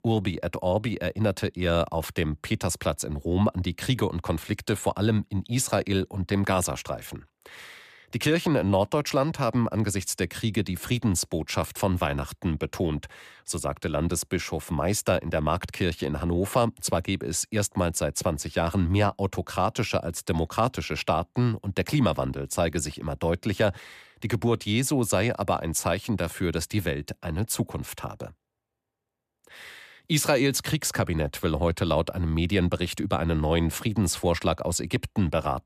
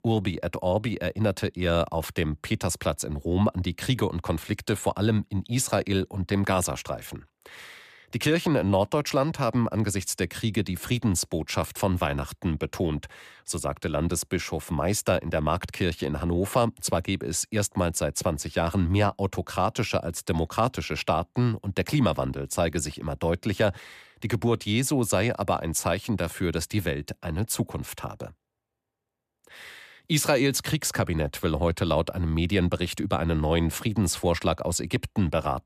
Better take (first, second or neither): neither